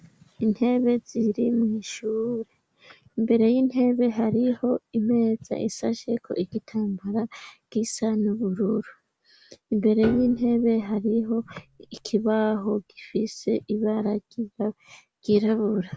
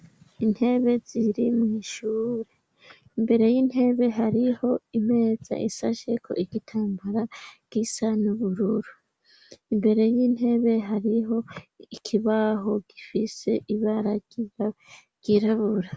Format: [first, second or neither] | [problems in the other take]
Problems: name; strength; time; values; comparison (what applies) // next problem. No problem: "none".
second | background sound (Piano); 15 dB below the speech